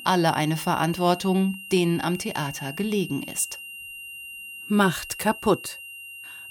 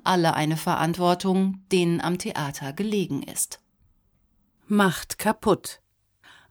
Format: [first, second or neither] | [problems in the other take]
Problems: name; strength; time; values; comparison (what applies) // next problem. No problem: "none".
second | high-pitched whine; noticeable; throughout; 3 kHz, 10 dB below the speech